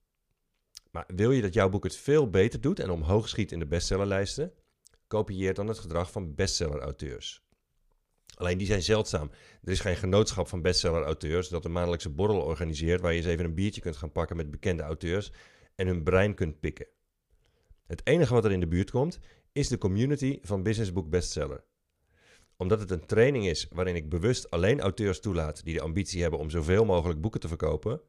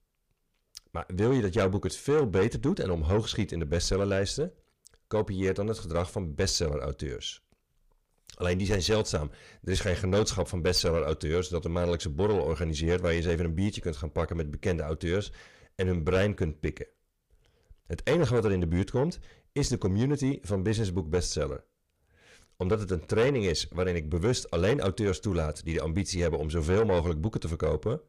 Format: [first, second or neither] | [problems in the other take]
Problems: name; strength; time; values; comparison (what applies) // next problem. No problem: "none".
first | distortion; slight; 10 dB below the speech